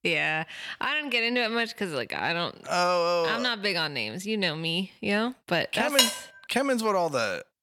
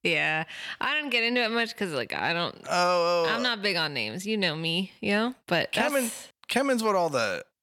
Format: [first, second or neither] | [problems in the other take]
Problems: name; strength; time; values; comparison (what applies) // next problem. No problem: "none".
second | clattering dishes; loud; at 6 s; peak 4 dB above the speech